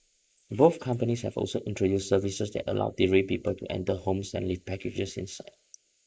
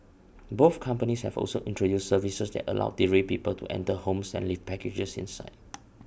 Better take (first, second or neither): second